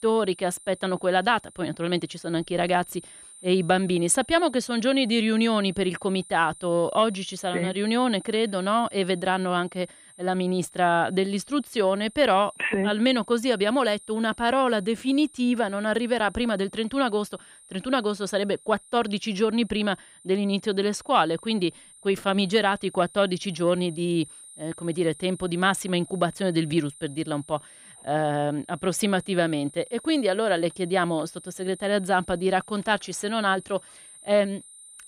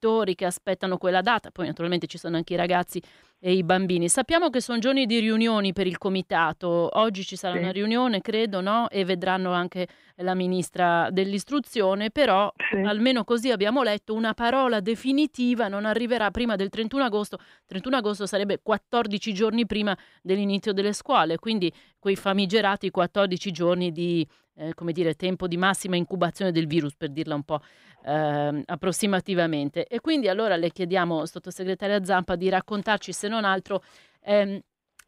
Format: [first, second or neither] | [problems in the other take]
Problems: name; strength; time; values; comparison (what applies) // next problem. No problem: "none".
second | high-pitched whine; faint; throughout; 9 kHz, 20 dB below the speech